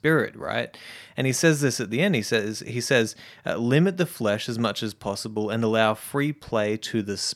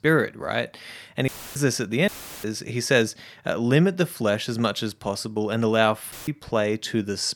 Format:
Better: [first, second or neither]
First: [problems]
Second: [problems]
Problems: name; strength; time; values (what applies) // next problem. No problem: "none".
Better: first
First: none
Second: audio cutting out; filled with static; at 1.5 s, at 2 s and at 6 s